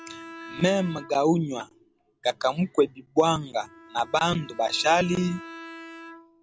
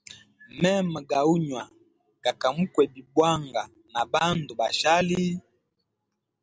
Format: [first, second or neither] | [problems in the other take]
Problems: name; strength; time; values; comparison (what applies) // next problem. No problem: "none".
second | background sound (Bowed string instrument); 19 dB below the speech